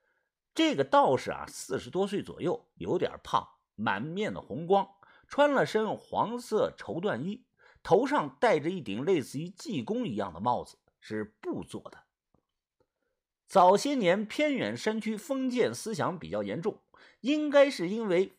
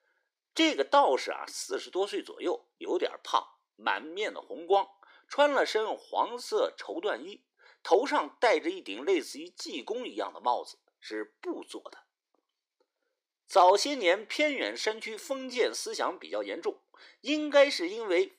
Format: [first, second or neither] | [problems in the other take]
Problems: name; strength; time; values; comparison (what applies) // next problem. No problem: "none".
first | thin; somewhat; fading below 300 Hz